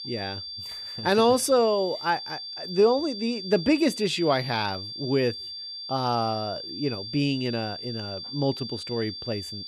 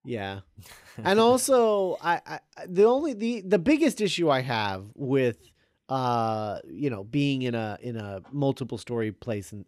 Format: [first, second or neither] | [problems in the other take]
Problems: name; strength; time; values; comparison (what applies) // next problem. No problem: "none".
second | high-pitched whine; loud; throughout; 4.5 kHz, 8 dB below the speech